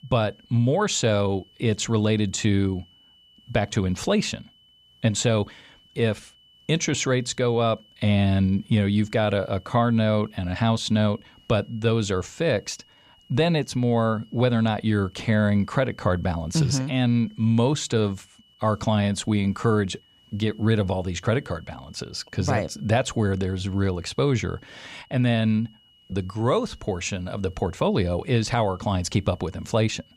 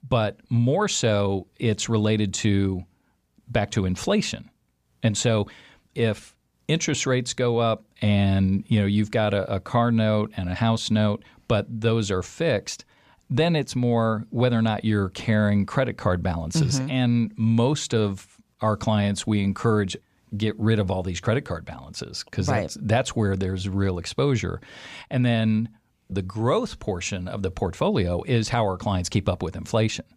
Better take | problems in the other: second | high-pitched whine; faint; throughout; 3 kHz, 30 dB below the speech

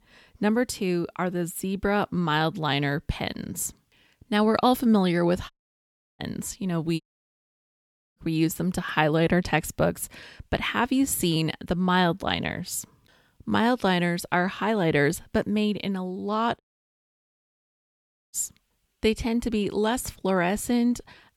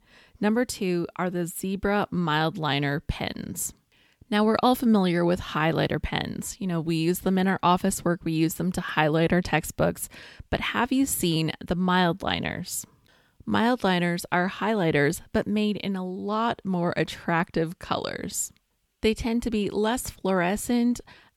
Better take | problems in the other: second | audio cutting out; at 5.5 s for 0.5 s, at 7 s for 1 s and at 17 s for 1.5 s

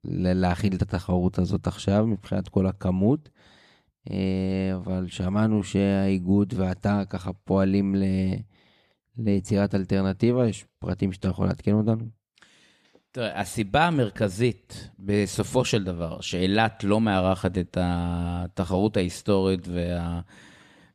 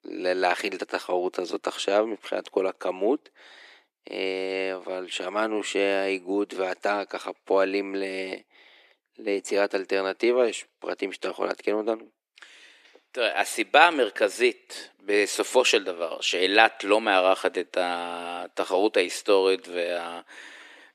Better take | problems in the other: first | thin; very; fading below 350 Hz

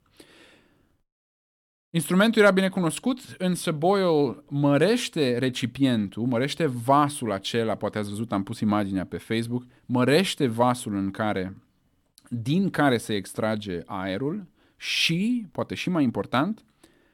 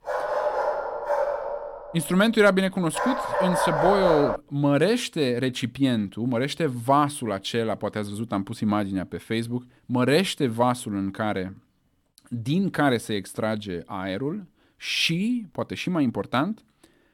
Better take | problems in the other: first | dog barking; loud; until 4.5 s; peak 2 dB above the speech

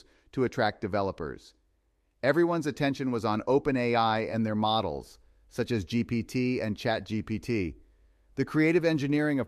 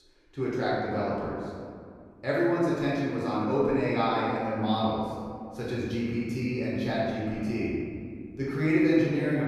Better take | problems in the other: first | room echo; strong; dies away in 2.1 s // off-mic speech; far

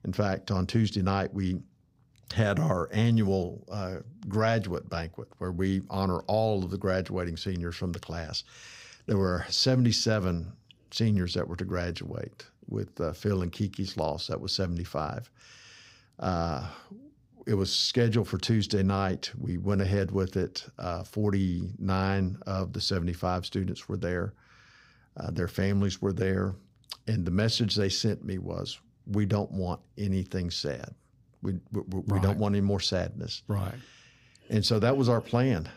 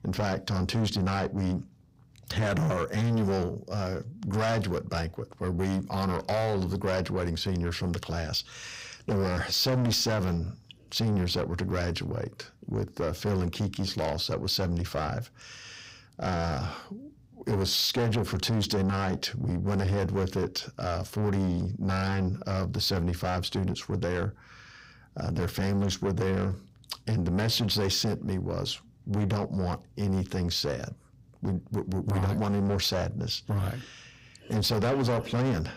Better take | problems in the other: first | distortion; heavy; 7 dB below the speech

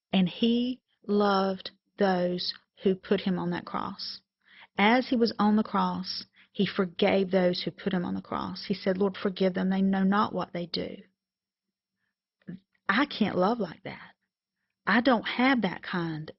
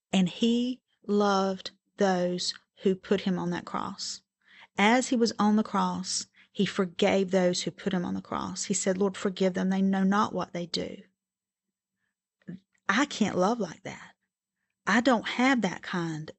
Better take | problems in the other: second | garbled, watery; badly; nothing above 5.5 kHz; slightly in the second

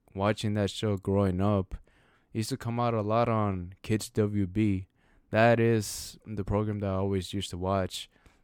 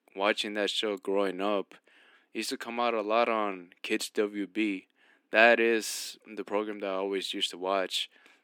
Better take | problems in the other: first | thin; somewhat; fading below 250 Hz

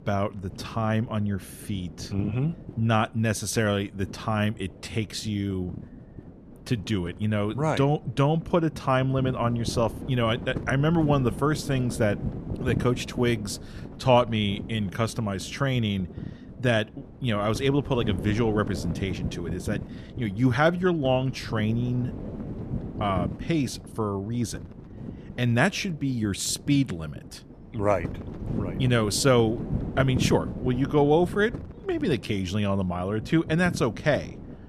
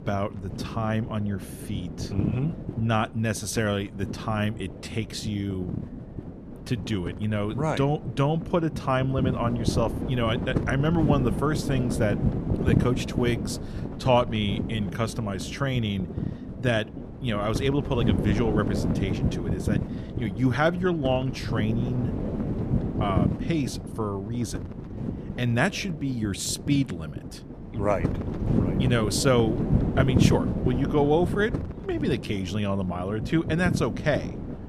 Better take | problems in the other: first | wind noise on the microphone; heavy; 8 dB below the speech; occasional gusts in the first

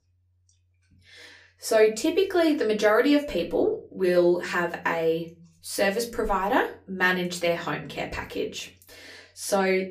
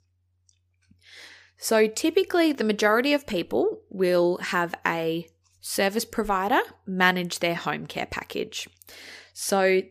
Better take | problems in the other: second | off-mic speech; far // room echo; very slight; dies away in 0.3 s

